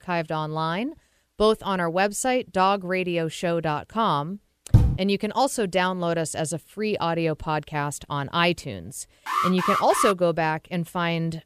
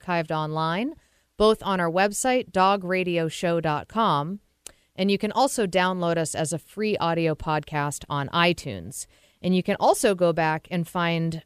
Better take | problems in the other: second | door banging; loud; at 4.5 s; peak 4 dB above the speech // alarm; loud; at 9.5 s; peak 1 dB above the speech

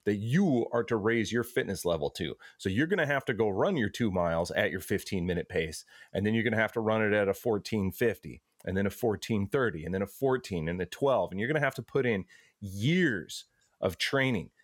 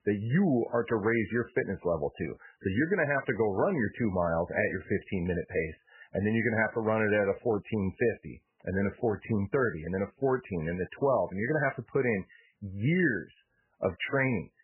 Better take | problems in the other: first | garbled, watery; badly; nothing above 3 kHz

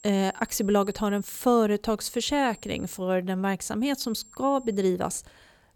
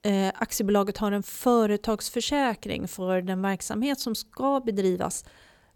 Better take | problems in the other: second | high-pitched whine; faint; until 1.5 s, at 2 s and from 4 to 5 s; 7.5 kHz, 25 dB below the speech

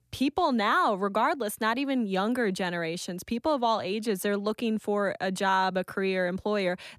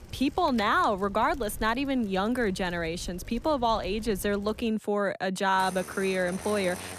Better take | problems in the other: first | traffic noise; noticeable; throughout; 15 dB below the speech

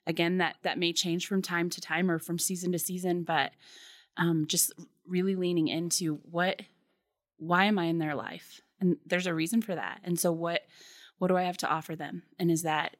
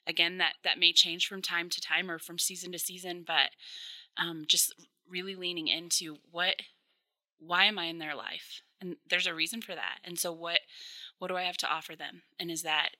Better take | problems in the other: first | thin; somewhat; fading below 950 Hz

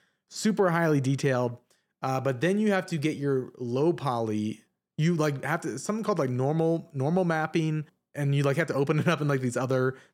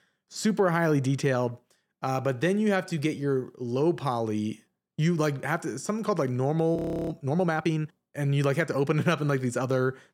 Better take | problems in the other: first | audio freezing; at 7 s

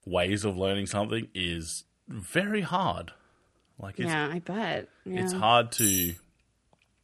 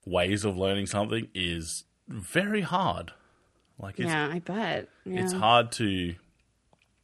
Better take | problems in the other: second | clattering dishes; loud; at 6 s; peak 4 dB above the speech

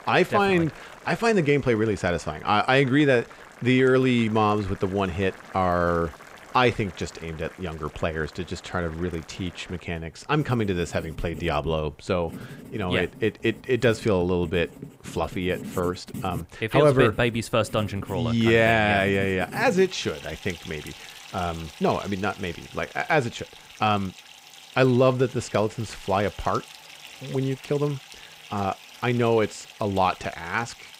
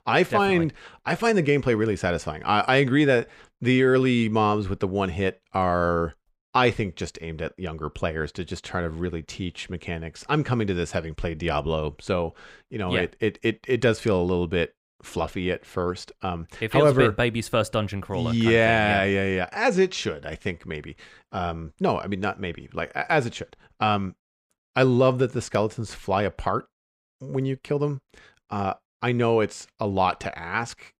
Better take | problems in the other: second | household noises; noticeable; throughout; 20 dB below the speech

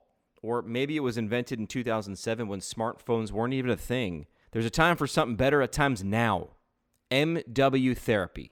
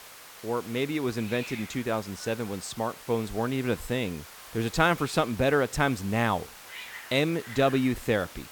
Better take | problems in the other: first | hiss; noticeable; throughout; 15 dB below the speech

